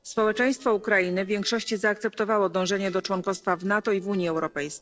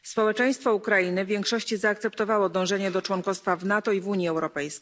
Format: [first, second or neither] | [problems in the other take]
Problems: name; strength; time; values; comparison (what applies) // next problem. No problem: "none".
second | noise reduction (neural separator model SepFormer DNS4)